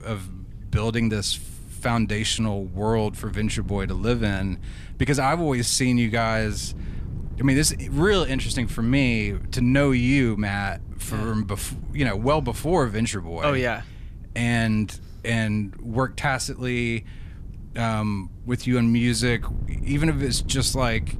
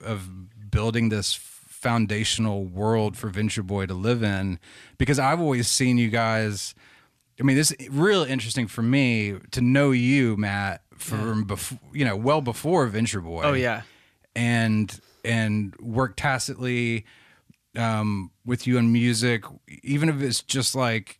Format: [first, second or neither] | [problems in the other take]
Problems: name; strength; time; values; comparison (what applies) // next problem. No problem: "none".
second | wind noise on the microphone; occasional gusts; 25 dB below the speech